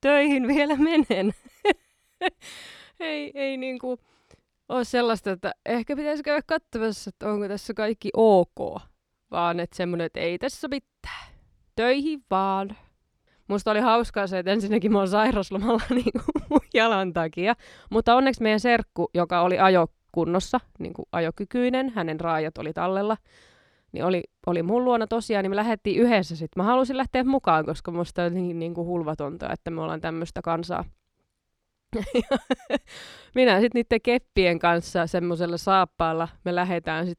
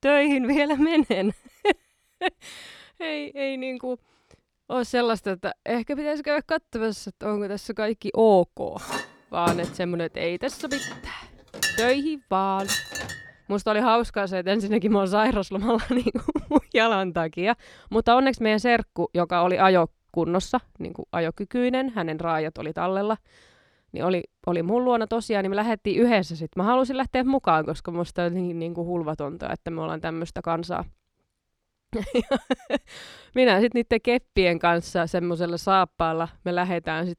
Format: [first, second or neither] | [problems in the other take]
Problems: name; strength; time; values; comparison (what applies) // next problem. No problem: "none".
first | clattering dishes; noticeable; from 9 to 13 s; peak 1 dB below the speech